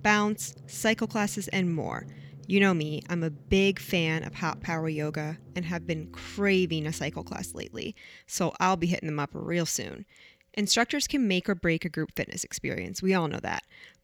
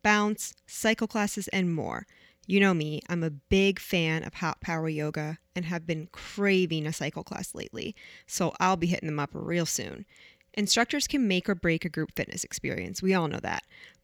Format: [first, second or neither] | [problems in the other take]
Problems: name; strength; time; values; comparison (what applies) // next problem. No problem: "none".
second | background music; noticeable; until 7.5 s; 20 dB below the speech